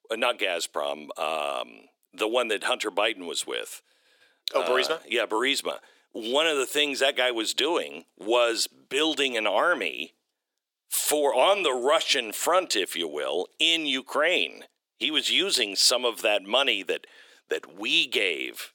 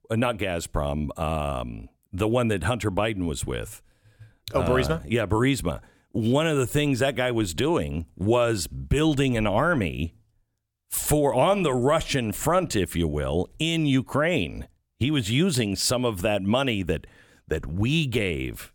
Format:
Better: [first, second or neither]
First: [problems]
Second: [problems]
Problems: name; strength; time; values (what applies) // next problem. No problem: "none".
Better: second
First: thin; very; fading below 350 Hz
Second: none